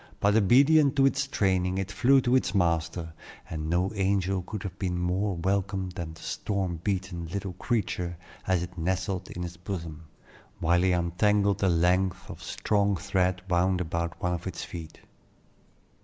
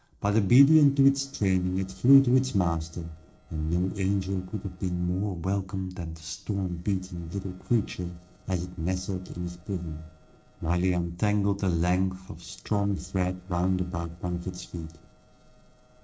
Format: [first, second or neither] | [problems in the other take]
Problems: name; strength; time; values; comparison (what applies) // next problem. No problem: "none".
first | noise reduction (neural separator model SepFormer DNS4)